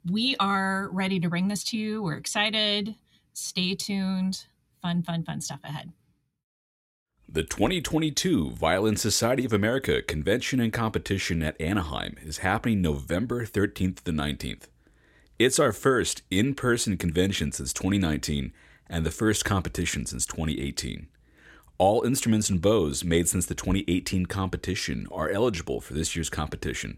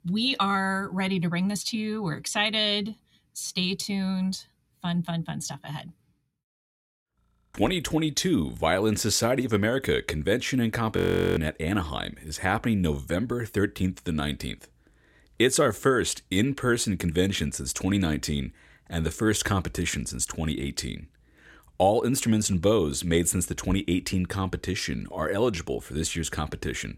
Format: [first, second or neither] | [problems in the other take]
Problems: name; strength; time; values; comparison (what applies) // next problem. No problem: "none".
first | audio freezing; at 7 s and at 11 s